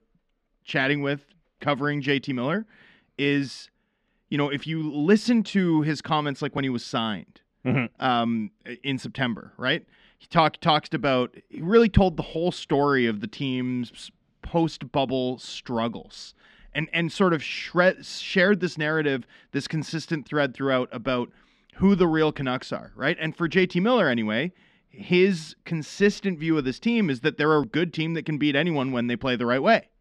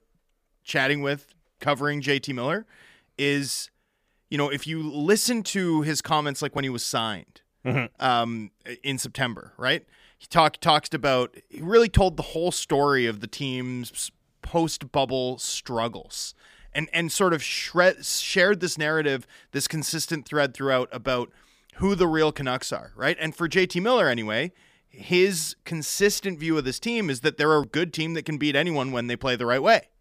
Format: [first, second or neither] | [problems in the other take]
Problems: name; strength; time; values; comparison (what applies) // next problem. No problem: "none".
second | muffled; very slightly; fading above 3 kHz